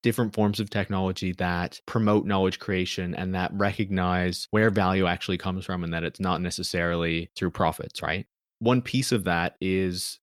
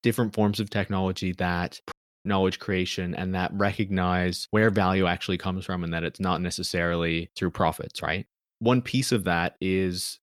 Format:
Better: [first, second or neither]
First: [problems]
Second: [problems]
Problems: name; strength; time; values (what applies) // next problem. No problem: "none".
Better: first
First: none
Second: audio cutting out; at 2 s